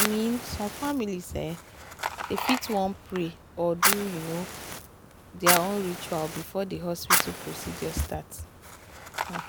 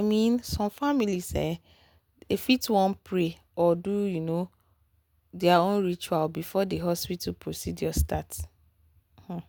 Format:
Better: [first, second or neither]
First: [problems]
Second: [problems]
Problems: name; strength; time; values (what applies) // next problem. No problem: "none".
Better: second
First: background sound (Fire); as loud as the speech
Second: none